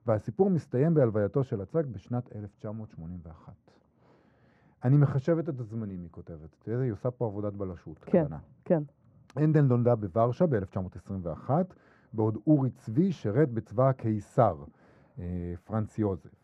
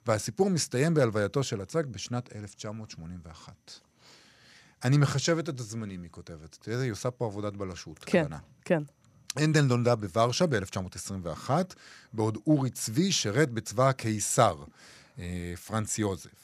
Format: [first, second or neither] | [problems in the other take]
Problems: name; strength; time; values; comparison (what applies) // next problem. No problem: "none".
second | muffled; very; fading above 2 kHz